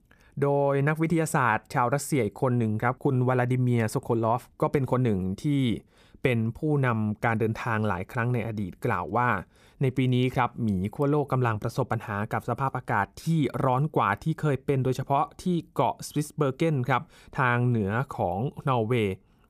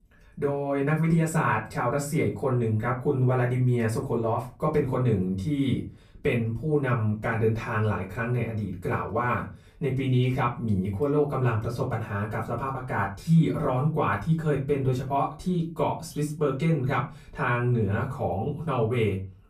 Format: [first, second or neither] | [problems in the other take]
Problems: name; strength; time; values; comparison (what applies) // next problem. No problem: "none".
first | off-mic speech; far // room echo; very slight; dies away in 0.3 s